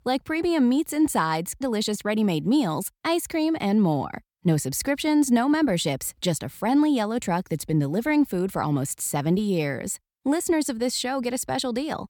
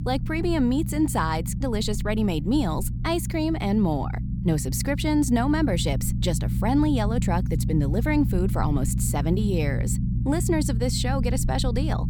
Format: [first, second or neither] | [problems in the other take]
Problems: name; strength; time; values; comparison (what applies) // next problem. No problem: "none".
first | low rumble; noticeable; throughout; 10 dB below the speech